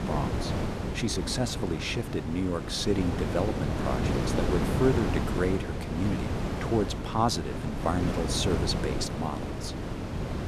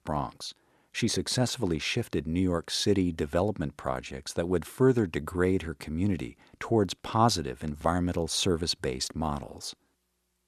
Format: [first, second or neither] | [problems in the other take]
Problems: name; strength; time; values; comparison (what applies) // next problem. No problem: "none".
second | wind noise on the microphone; heavy; 3 dB below the speech